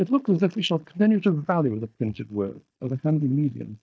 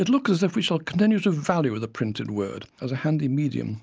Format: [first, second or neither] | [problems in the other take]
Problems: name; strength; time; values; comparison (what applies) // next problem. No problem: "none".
second | noise reduction (neural mask model DeepFilterNet 3)